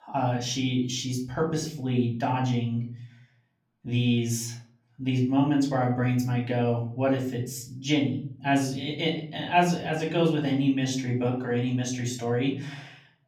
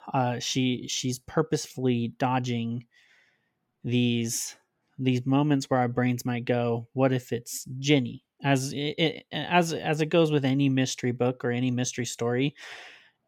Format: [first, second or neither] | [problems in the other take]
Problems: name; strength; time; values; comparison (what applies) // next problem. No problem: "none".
second | off-mic speech; far // room echo; slight; dies away in 0.5 s